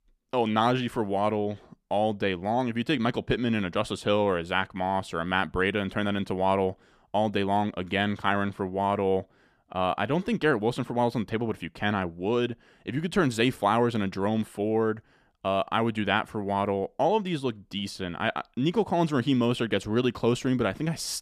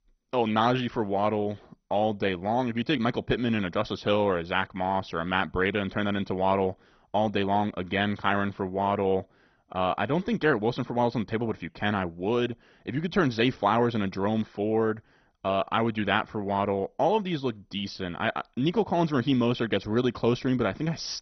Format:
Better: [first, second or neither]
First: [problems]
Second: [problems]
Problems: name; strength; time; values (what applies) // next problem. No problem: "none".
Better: first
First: none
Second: garbled, watery; badly; nothing above 6 kHz